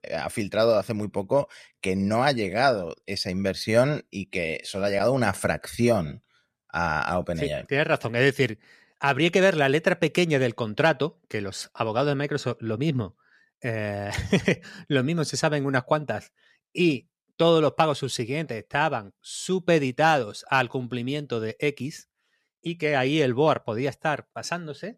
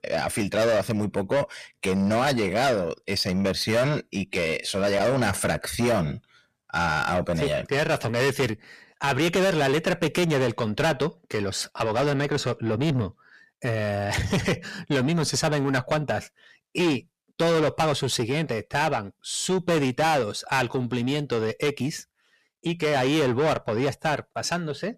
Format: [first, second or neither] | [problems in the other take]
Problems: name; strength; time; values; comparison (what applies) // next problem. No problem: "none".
first | distortion; heavy; 6 dB below the speech